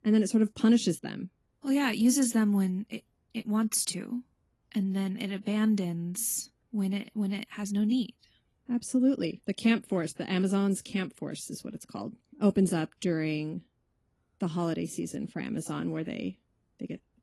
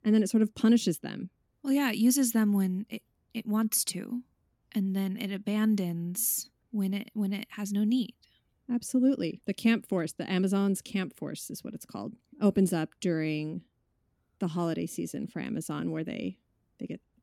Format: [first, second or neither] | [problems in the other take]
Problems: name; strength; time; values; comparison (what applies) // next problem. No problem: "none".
second | garbled, watery; slightly; nothing above 12 kHz